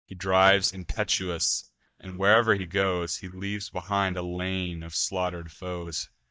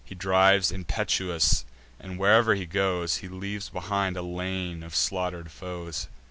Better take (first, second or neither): second